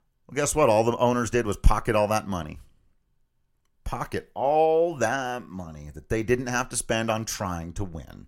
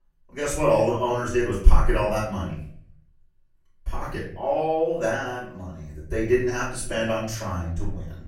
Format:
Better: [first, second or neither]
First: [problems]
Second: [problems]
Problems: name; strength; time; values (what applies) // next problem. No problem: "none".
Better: first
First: none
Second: off-mic speech; far // room echo; noticeable; dies away in 0.6 s